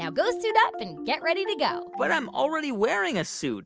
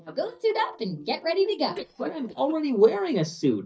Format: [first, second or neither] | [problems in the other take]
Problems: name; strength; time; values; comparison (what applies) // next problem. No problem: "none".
first | noise reduction (neural mask model DeepFilterNet 3)